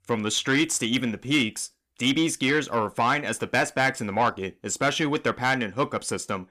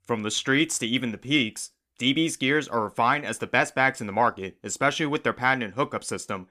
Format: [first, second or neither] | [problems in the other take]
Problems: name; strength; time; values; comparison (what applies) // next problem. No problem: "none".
second | distortion; slight; 10 dB below the speech